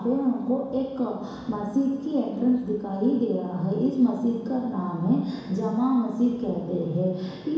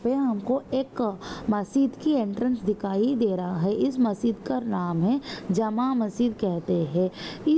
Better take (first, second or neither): second